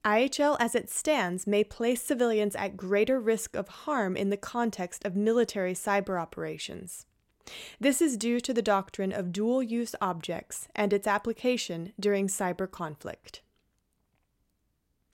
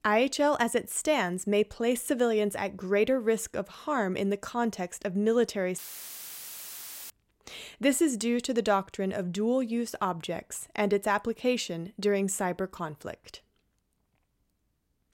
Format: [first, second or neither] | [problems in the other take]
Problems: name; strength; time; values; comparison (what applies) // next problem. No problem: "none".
first | audio cutting out; filled with static; at 6 s for 1.5 s